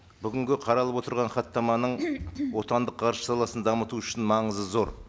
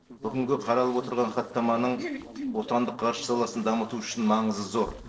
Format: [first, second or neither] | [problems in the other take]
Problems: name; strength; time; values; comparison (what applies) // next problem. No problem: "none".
first | noise reduction (neural separator model SepFormer DNS4)